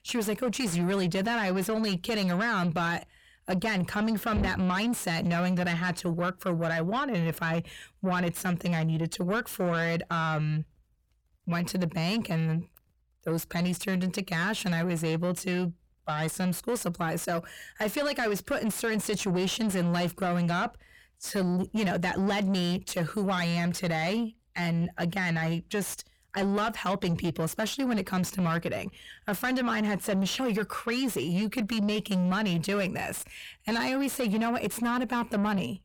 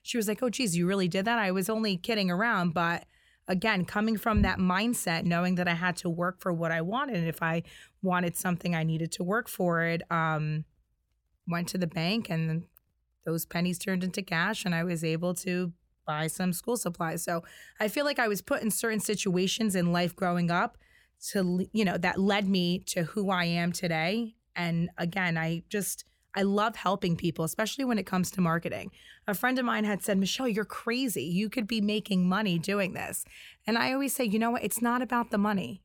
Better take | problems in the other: second | distortion; slight; 10 dB below the speech

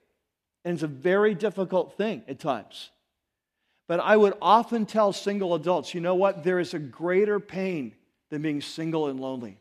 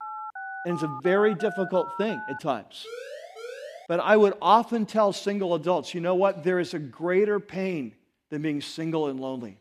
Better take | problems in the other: first | phone ringing; faint; until 2.5 s; peak 10 dB below the speech // siren; faint; from 3 to 4 s; peak 15 dB below the speech

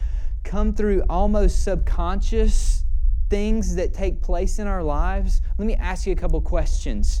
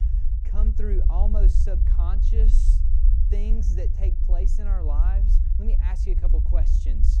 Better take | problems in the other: first | low rumble; loud; throughout; 3 dB below the speech; faint in the first

